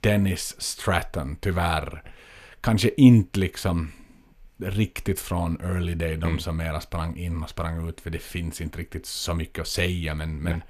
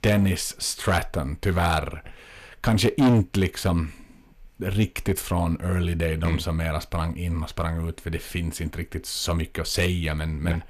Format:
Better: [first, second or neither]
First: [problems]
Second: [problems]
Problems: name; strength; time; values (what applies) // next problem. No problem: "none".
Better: first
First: none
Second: distortion; heavy; 3% of the sound clipped